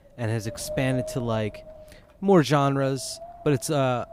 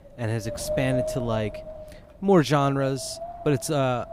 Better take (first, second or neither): first